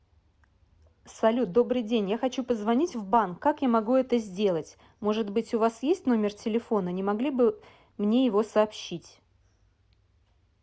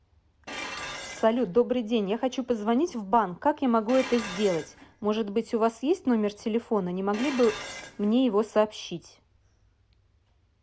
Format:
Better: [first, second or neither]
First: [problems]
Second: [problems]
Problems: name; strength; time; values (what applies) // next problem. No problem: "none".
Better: first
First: none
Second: background sound (Dishes, pots, and pans); 16 dB below the speech